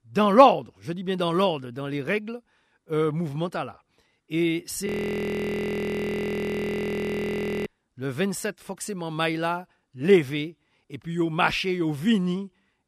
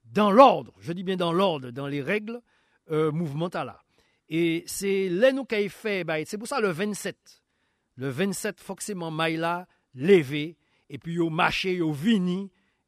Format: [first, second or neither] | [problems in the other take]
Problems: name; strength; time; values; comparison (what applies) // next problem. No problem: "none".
second | audio freezing; at 5 s for 3 s